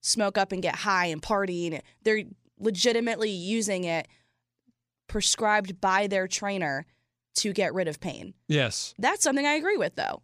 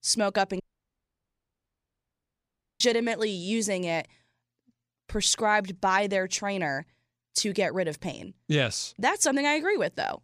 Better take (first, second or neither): first